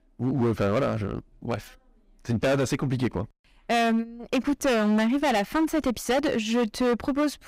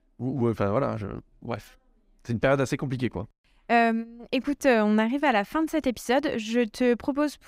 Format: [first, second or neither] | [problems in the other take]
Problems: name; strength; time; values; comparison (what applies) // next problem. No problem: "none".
second | distortion; heavy; 14% of the sound clipped